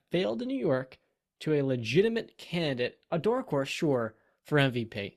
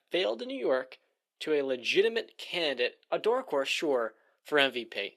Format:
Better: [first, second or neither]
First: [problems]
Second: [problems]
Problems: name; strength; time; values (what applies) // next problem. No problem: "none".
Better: first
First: none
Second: thin; somewhat; fading below 350 Hz